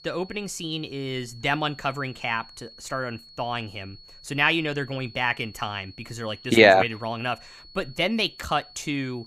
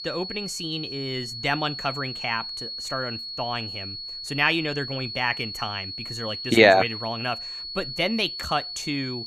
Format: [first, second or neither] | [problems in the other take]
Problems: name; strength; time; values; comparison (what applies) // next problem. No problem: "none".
first | high-pitched whine; loud; throughout; 4.5 kHz, 7 dB below the speech; faint in the first